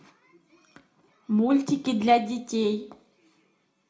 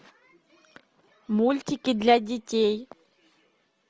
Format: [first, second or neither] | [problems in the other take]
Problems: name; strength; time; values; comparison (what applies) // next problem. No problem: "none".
second | room echo; dies away in 0.3 s